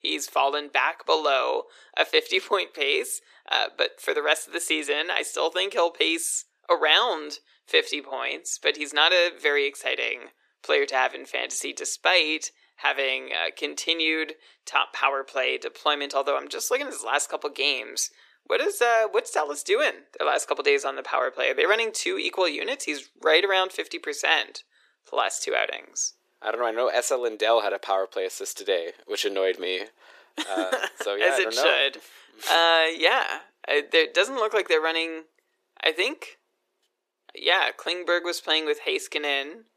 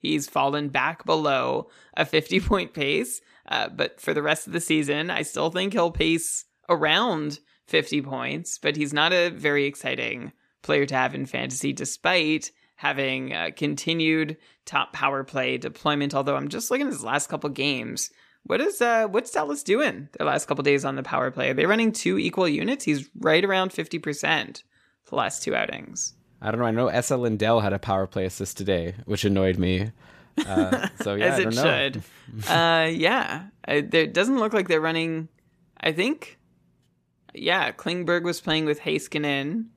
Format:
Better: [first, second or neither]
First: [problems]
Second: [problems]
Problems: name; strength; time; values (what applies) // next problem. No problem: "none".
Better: second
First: thin; very; fading below 350 Hz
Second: none